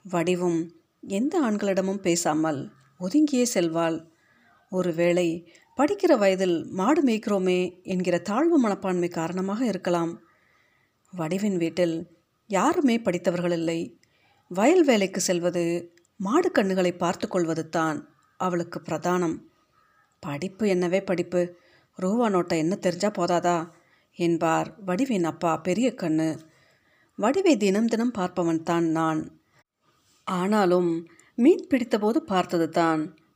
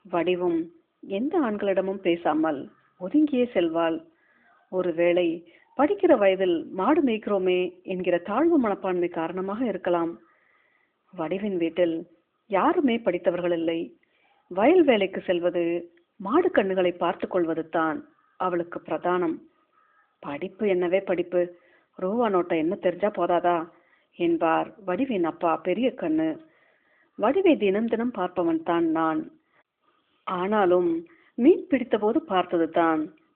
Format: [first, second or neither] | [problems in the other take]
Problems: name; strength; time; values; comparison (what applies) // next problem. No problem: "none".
first | phone-call audio